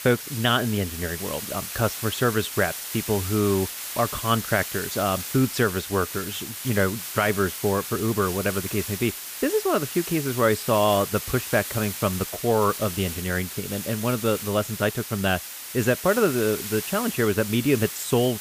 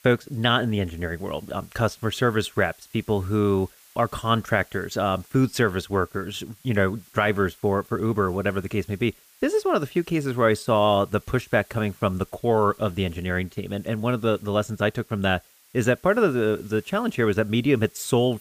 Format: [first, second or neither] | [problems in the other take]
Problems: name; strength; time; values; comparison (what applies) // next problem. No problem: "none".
second | hiss; loud; throughout; 7 dB below the speech; faint in the second